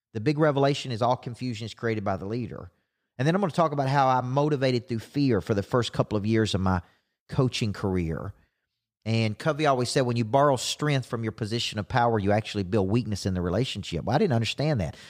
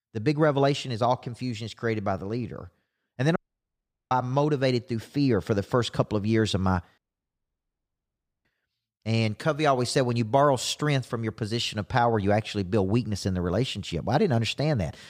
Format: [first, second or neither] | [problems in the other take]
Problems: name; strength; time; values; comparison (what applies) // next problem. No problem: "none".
first | audio cutting out; at 3.5 s for 1 s and at 7 s for 1.5 s